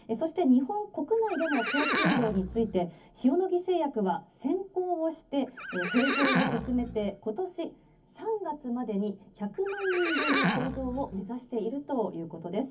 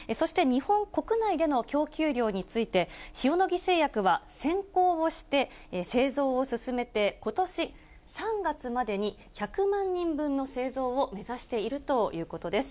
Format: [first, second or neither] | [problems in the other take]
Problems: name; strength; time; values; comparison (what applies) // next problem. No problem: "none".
second | background sound (Livestock, farm animals, working animals); 2 dB below the speech // room echo; dies away in 0.3 s